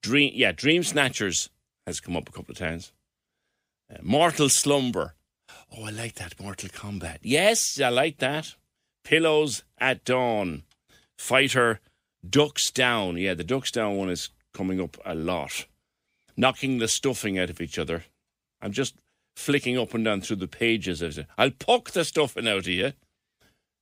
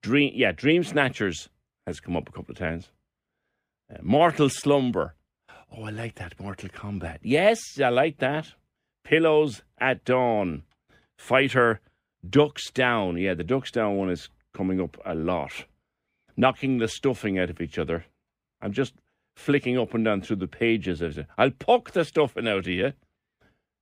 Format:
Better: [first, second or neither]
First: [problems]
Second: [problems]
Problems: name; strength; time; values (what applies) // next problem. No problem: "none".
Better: first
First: none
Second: muffled; slightly; fading above 3.5 kHz